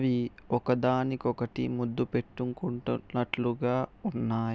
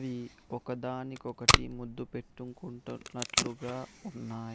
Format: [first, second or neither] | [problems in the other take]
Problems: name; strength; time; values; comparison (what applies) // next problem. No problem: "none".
first | background sound (Packing tape, duct tape); 5 dB above the speech